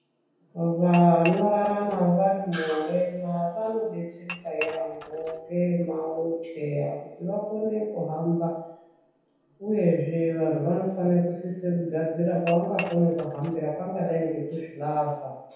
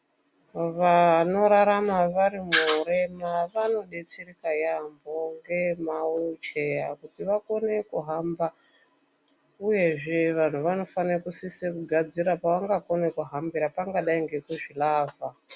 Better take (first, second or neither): second